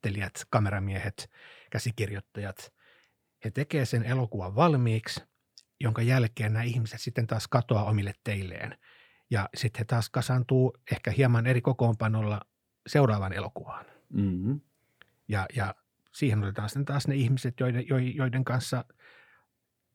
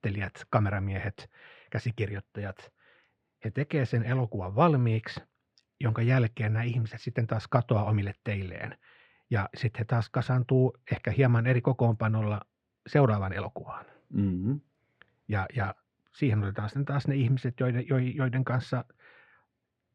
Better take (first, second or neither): first